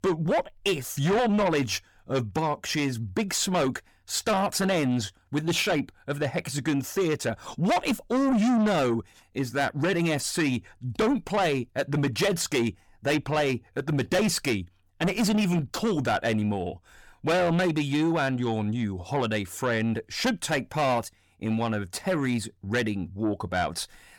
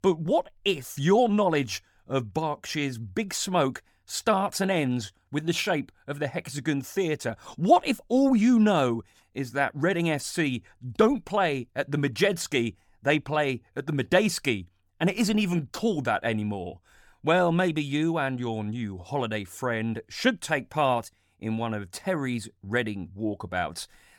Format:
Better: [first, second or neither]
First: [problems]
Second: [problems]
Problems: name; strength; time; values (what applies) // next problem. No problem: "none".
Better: second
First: distortion; heavy; 7 dB below the speech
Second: none